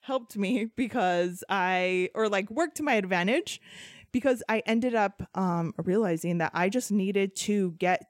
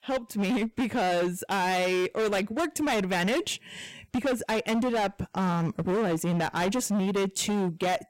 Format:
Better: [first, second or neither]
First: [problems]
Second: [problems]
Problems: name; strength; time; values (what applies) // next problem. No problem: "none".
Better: first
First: none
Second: distortion; heavy; 27% of the sound clipped